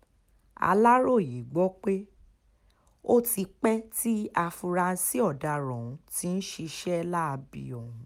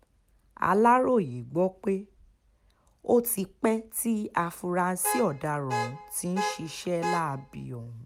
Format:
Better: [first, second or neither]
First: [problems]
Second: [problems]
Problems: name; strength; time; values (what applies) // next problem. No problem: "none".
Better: first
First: none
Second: background sound (Alarm / Car); 6 dB below the speech